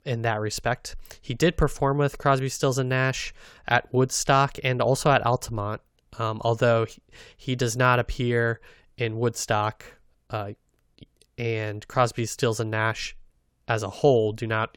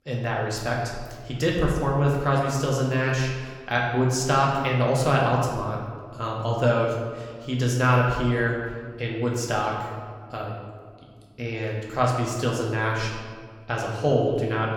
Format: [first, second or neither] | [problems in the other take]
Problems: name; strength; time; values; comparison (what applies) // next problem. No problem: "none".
first | room echo; noticeable; dies away in 1.4 s // off-mic speech; somewhat distant